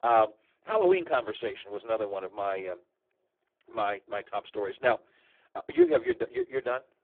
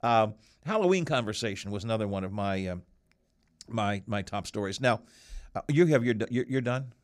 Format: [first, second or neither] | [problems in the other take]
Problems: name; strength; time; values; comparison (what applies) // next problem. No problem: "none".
second | phone-call audio; poor line